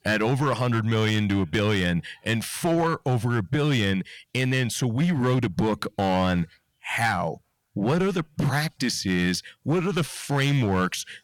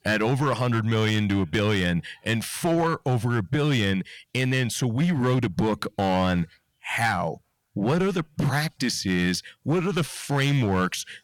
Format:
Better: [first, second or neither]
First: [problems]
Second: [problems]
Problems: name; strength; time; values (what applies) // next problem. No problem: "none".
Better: neither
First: distortion; slight; 10% of the sound clipped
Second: distortion; slight; 10% of the sound clipped